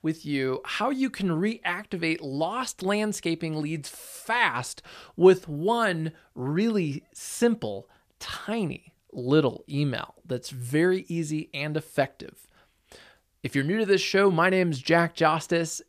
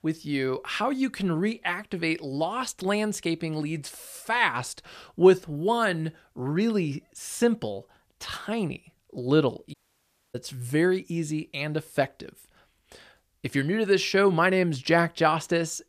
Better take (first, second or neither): first